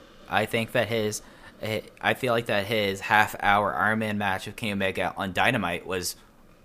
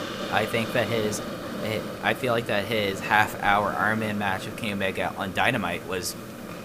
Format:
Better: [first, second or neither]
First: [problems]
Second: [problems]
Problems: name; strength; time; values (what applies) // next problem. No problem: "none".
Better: first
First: hiss; faint; throughout; 30 dB below the speech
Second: hiss; loud; throughout; 9 dB below the speech